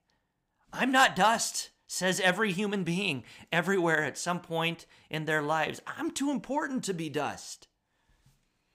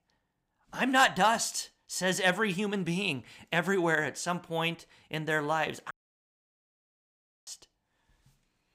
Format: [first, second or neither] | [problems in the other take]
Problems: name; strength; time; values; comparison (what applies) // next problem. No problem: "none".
first | audio cutting out; at 6 s for 1.5 s